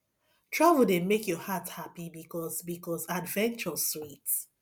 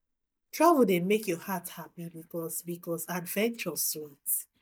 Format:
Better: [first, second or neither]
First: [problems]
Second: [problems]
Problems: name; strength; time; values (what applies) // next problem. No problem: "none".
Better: first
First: none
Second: noise reduction (neural mask model DeepFilterNet 3)